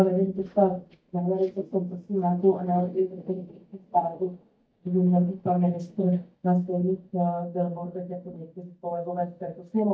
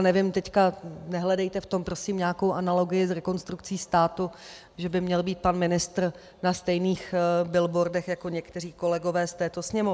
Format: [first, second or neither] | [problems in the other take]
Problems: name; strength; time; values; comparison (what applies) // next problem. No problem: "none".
second | noise reduction (neural mask model DeepFilterNet 3)